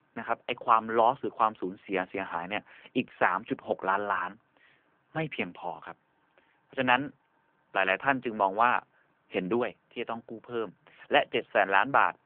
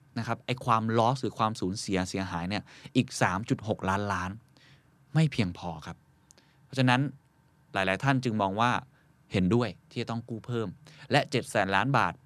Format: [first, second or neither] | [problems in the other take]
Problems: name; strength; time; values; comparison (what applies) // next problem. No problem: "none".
second | phone-call audio; nothing above 3 kHz